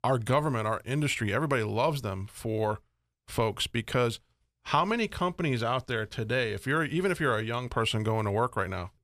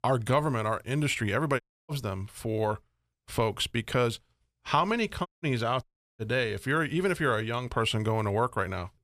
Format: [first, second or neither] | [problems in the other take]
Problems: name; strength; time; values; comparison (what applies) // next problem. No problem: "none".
first | audio cutting out; at 1.5 s, at 5.5 s and at 6 s